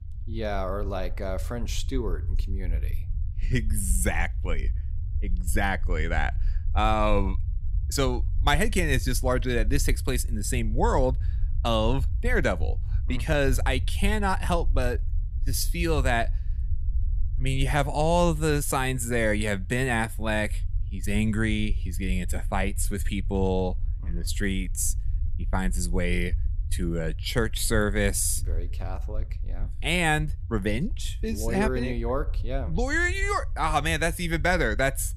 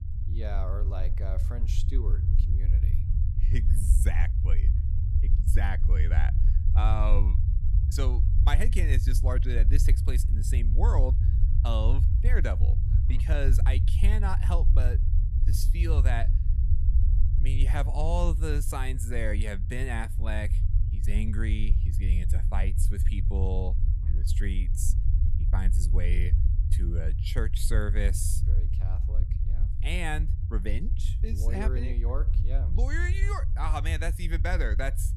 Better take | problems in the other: first | low rumble; loud; throughout; 8 dB below the speech; faint in the first

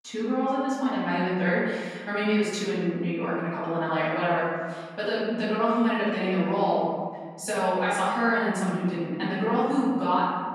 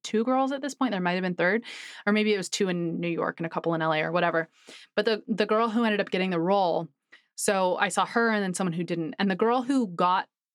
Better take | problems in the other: second | off-mic speech; far // room echo; strong; dies away in 1.6 s

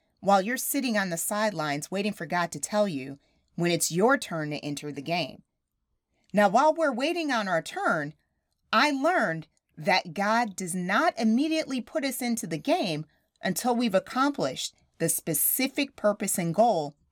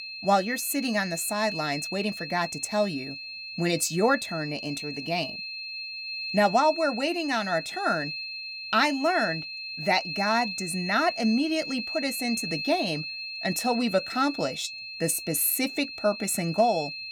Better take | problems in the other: first | high-pitched whine; loud; throughout; 2.5 kHz, 7 dB below the speech

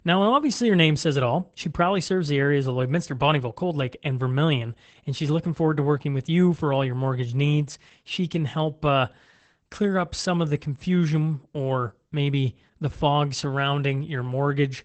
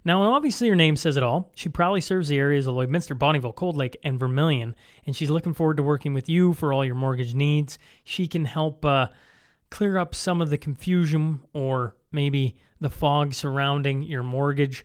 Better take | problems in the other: second | garbled, watery; badly; nothing above 8 kHz; slightly in the second

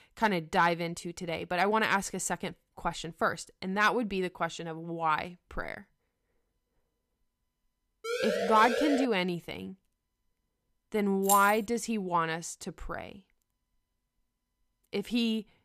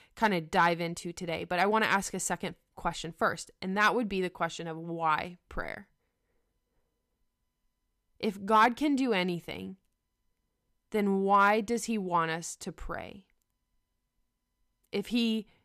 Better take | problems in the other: second | siren; noticeable; from 8 to 9 s; peak 1 dB below the speech // jangling keys; noticeable; at 11 s; peak 1 dB below the speech

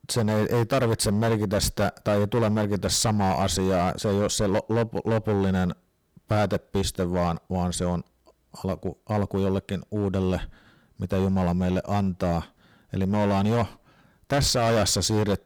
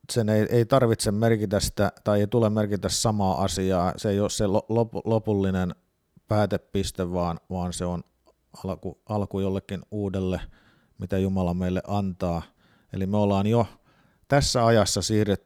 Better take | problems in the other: second | distortion; heavy; 12% of the sound clipped

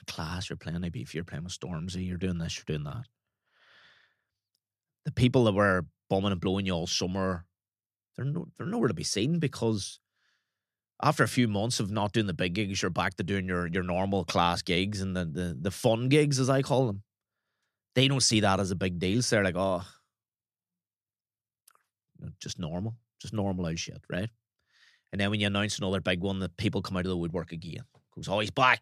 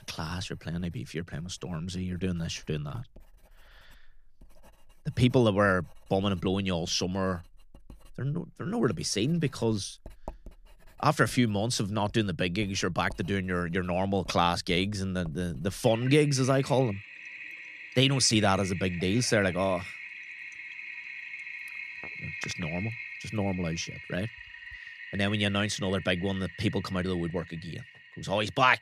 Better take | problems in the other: first | household noises; noticeable; throughout; 15 dB below the speech

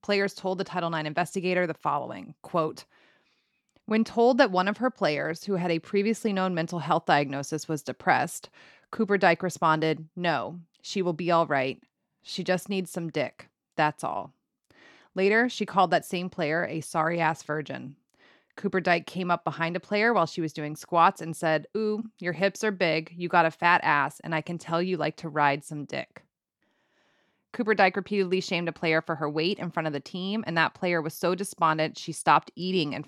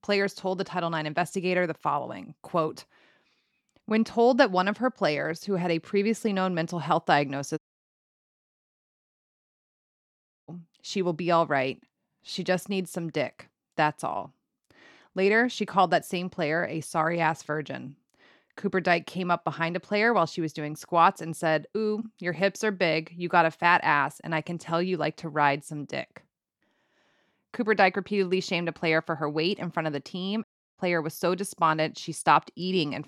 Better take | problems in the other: first | audio cutting out; at 7.5 s for 3 s and at 30 s

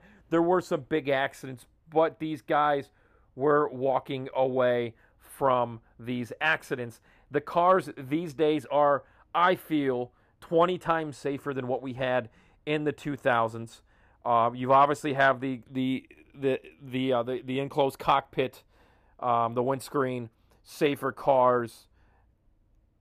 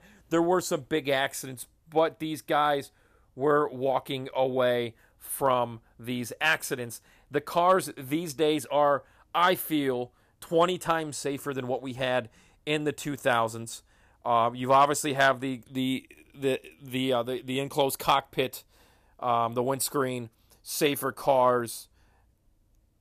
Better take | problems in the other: second | muffled; slightly; fading above 4 kHz

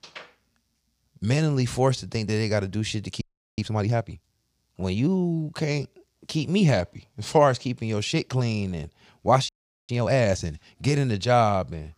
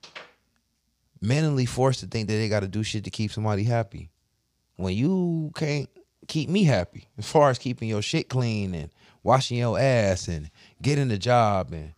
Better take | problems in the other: second | audio freezing; at 3 s and at 9.5 s

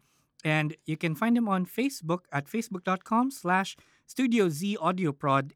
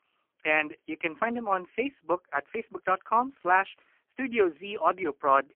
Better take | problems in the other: first | phone-call audio; poor line

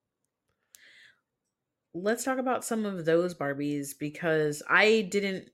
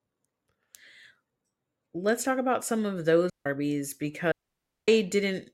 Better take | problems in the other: first | audio cutting out; at 3.5 s and at 4.5 s for 0.5 s

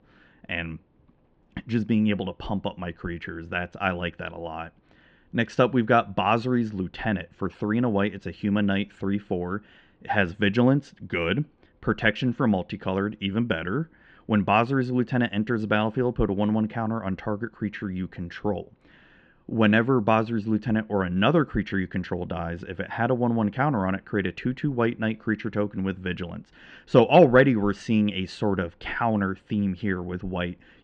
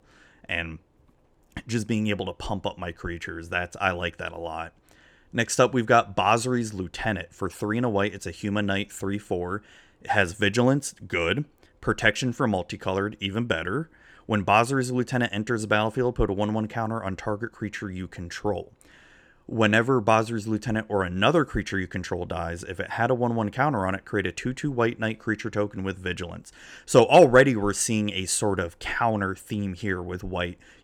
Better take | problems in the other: second | muffled; slightly; fading above 4 kHz

